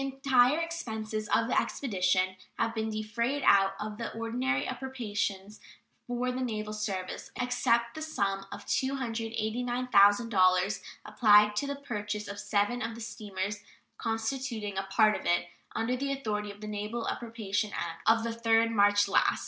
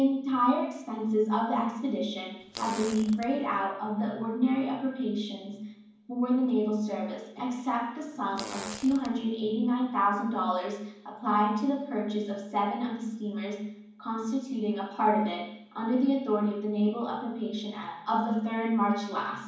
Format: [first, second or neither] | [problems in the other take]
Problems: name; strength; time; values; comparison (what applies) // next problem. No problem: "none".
first | background sound (Fart); 13 dB below the speech // room echo; dies away in 1.2 s